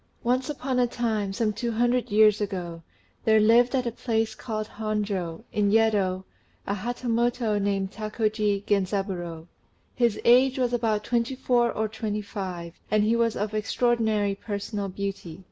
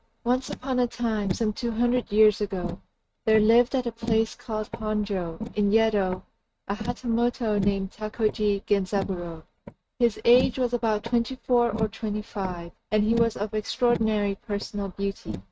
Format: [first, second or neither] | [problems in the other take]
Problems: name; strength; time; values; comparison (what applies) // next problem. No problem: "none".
first | noise reduction (neural mask model RNNoise)